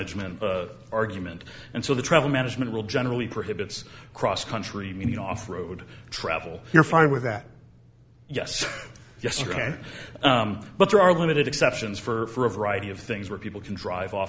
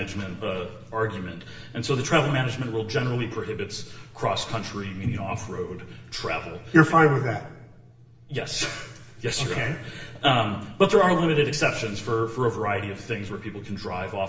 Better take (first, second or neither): first